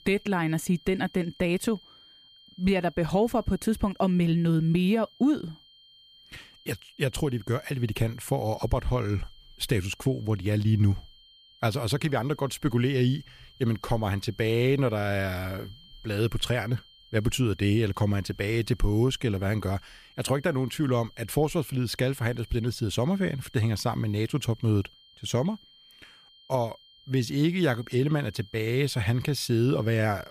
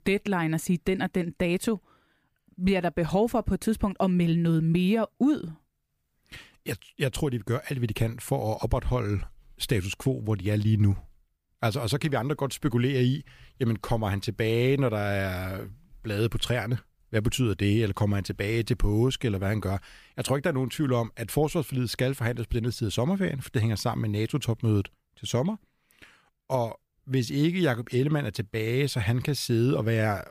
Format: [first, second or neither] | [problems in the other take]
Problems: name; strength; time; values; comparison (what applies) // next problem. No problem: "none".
second | high-pitched whine; faint; throughout; 3 kHz, 25 dB below the speech